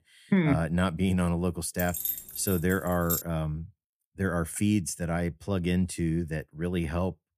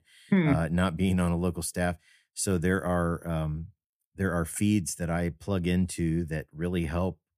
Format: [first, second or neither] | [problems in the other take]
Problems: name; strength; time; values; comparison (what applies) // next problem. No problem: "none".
second | jangling keys; noticeable; from 2 to 3 s; peak 2 dB below the speech